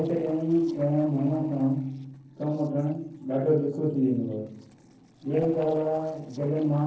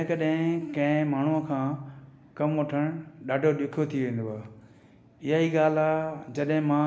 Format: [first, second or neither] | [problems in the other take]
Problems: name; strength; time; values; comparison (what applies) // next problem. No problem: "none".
second | noise reduction (neural separator model SepFormer DNS4)